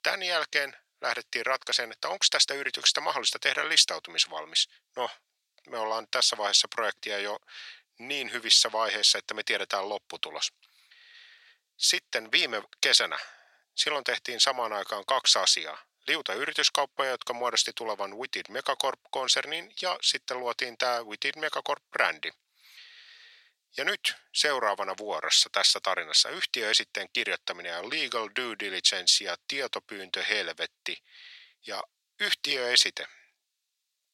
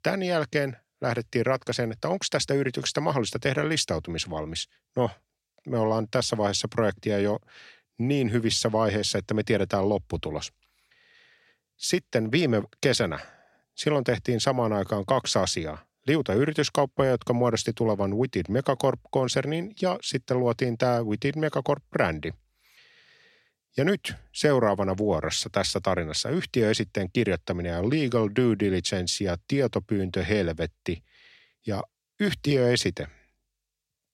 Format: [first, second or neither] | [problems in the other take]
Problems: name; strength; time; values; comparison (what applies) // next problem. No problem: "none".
second | thin; very; fading below 1 kHz